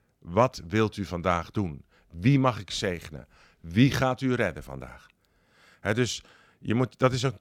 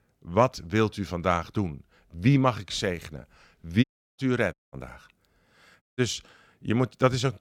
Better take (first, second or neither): first